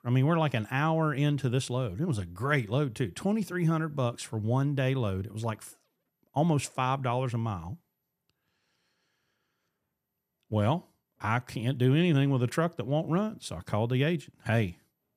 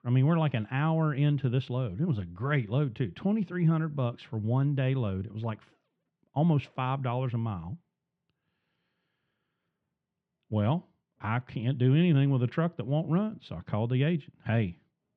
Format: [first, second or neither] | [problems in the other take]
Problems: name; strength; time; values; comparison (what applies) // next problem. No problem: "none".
first | muffled; very; fading above 3.5 kHz